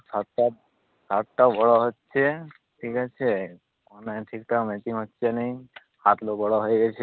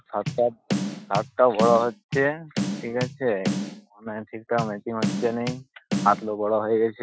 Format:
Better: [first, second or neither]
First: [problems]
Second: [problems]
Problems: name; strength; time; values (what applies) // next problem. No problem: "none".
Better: first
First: none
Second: noise reduction (classical method Wiener filter)